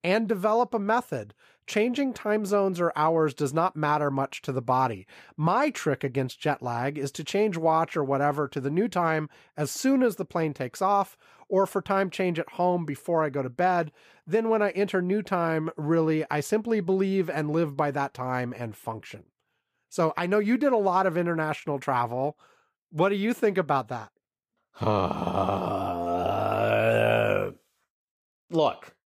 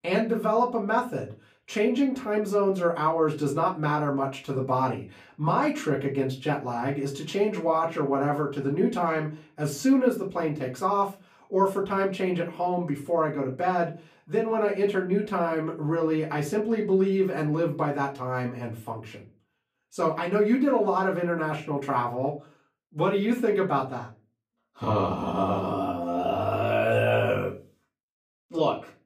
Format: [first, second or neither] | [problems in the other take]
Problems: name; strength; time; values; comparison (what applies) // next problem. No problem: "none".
first | off-mic speech; far // room echo; very slight; dies away in 0.3 s